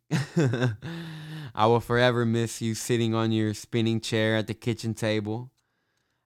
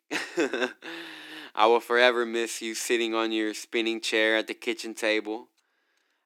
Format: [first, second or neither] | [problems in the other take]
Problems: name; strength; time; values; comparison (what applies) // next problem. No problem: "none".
first | thin; very; fading below 300 Hz